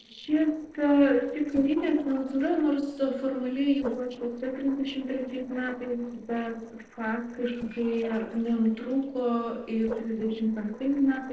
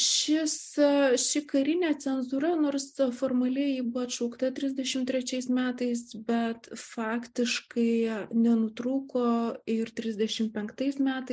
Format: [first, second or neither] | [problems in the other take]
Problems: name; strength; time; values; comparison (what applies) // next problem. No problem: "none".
second | noise reduction (neural separator model SepFormer DNS4)